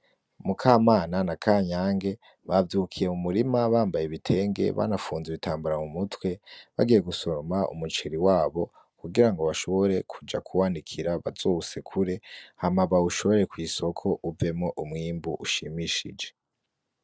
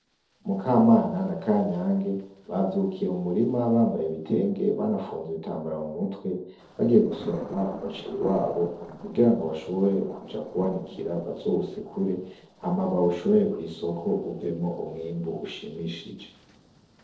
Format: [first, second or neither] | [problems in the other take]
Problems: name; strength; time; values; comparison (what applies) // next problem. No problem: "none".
first | noise reduction (neural separator model SepFormer DNS4)